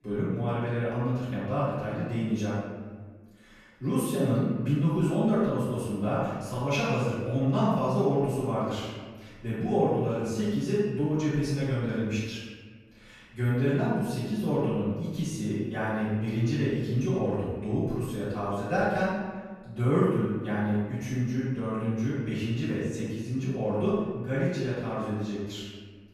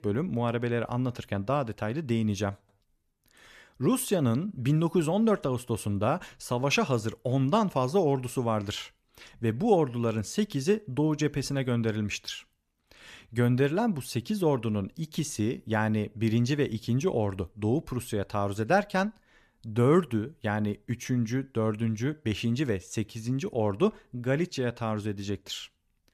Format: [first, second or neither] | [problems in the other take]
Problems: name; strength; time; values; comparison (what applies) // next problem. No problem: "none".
second | off-mic speech; far // room echo; strong; dies away in 1.4 s